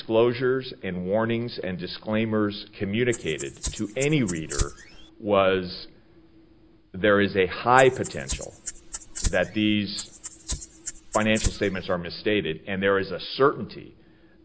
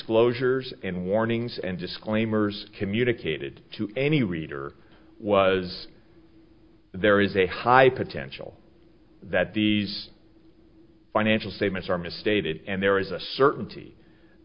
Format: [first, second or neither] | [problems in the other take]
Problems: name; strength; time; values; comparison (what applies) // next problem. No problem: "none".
second | background sound (Rattle (instrument)); 8 dB below the speech